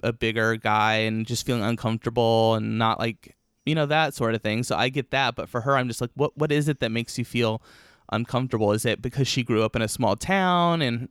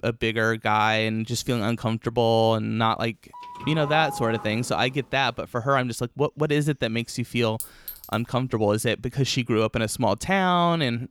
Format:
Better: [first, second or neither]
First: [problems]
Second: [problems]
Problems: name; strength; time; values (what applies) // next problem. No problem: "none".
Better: first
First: none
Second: doorbell; noticeable; from 3.5 to 5 s; peak 8 dB below the speech // clattering dishes; faint; at 7.5 s; peak 10 dB below the speech